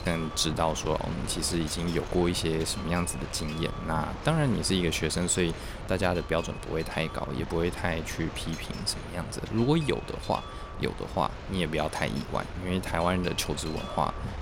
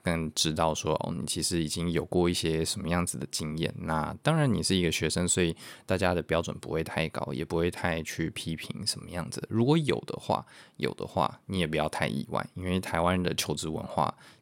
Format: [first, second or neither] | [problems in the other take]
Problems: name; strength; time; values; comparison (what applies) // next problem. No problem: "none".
second | wind noise on the microphone; heavy; 10 dB below the speech